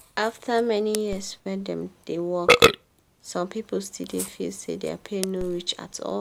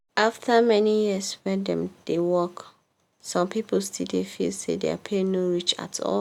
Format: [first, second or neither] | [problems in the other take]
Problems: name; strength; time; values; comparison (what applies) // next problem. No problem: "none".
second | background sound (Burping, eructation); as loud as the speech